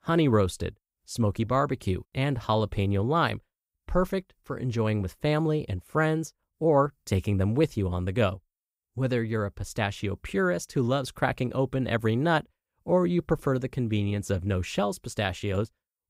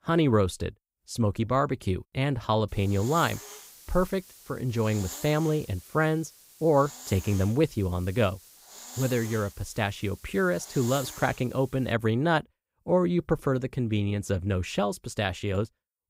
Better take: first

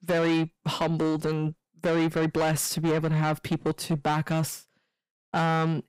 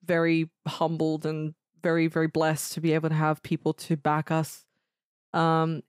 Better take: second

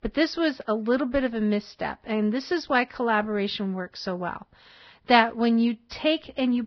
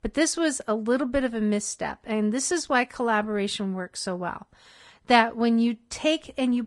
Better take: second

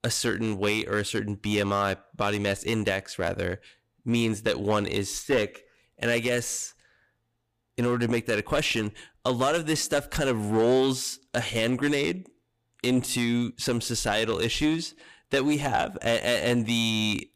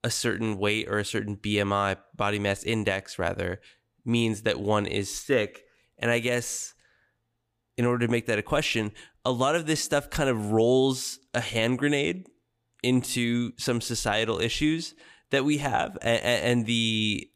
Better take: second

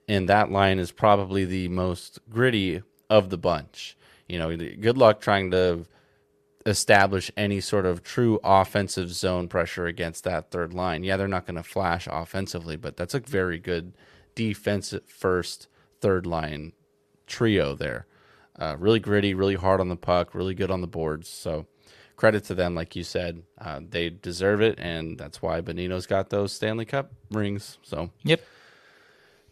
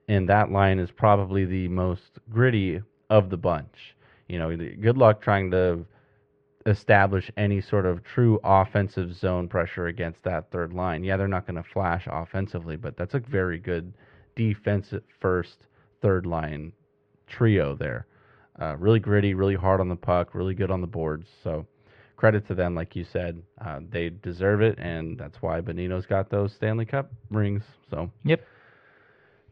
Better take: first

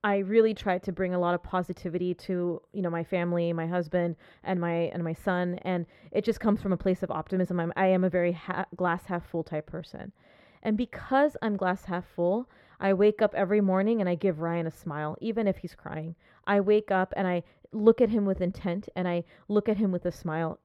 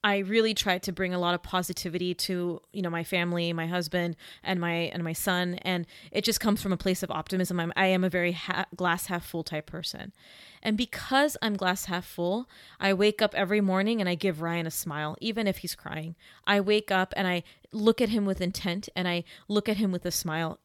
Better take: second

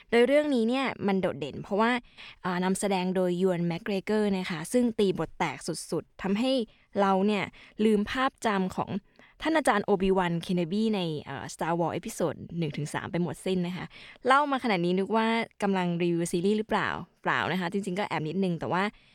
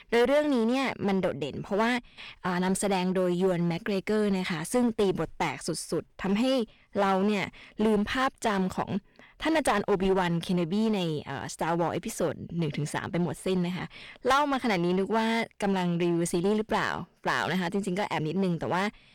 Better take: first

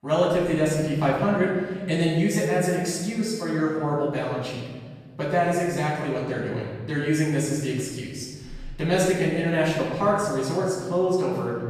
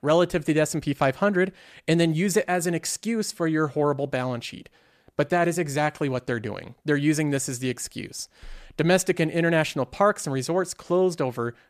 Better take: second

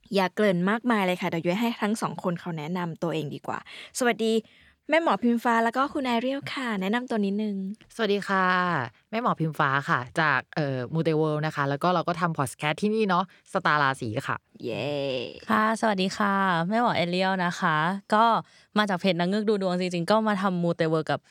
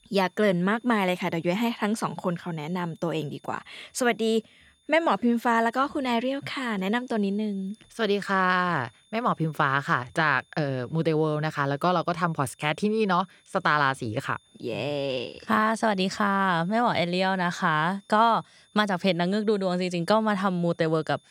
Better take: first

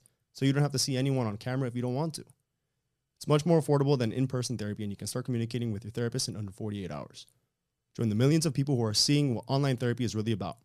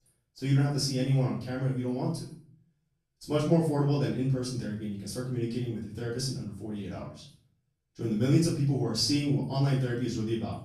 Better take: first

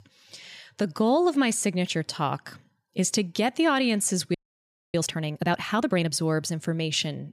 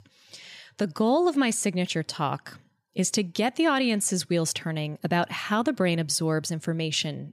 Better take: second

